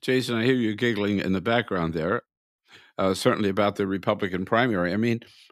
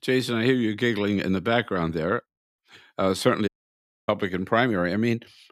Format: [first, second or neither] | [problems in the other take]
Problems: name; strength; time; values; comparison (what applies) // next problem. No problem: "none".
first | audio cutting out; at 3.5 s for 0.5 s